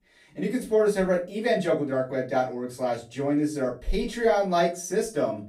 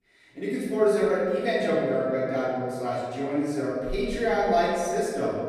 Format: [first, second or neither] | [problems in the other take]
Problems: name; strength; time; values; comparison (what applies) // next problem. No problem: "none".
first | room echo; strong; dies away in 2 s; slight in the first // off-mic speech; far; far in the first